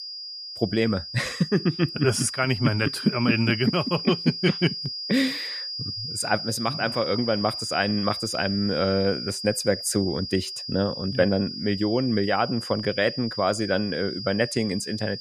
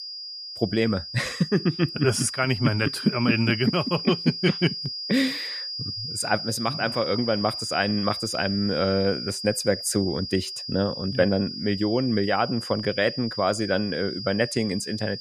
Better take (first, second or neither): neither